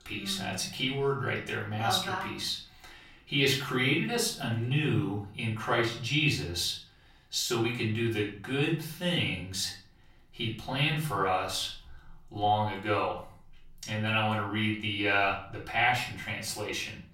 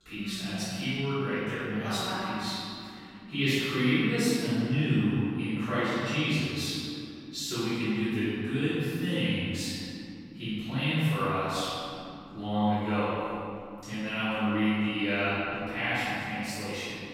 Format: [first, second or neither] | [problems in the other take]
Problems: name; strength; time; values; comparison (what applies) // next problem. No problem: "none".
first | room echo; strong; dies away in 2.6 s; slight in the first // off-mic speech; far; far in the first